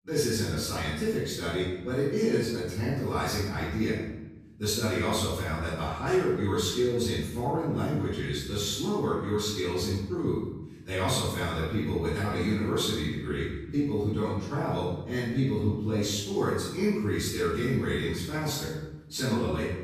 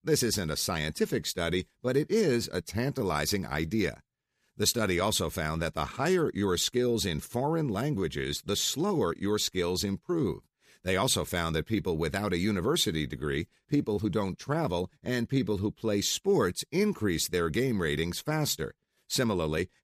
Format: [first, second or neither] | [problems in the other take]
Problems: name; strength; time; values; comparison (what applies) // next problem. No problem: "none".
second | off-mic speech; far // room echo; strong; dies away in 0.9 s